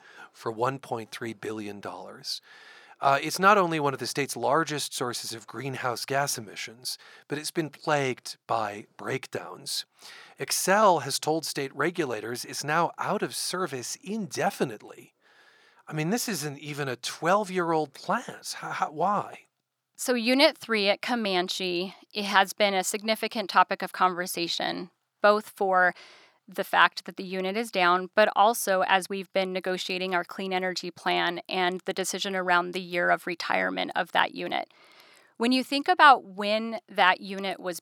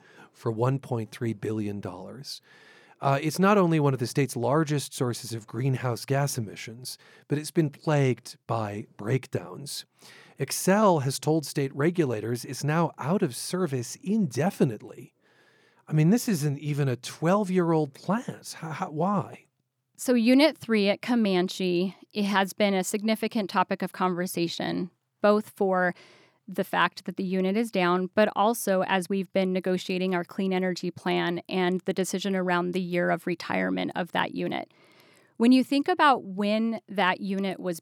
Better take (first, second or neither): second